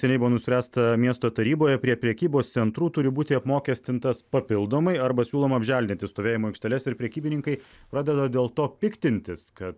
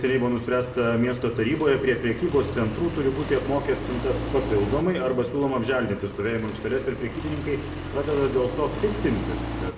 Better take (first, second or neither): first